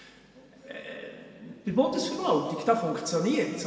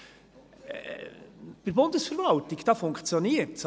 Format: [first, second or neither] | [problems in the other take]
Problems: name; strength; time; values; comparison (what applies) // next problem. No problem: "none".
second | room echo; dies away in 2.2 s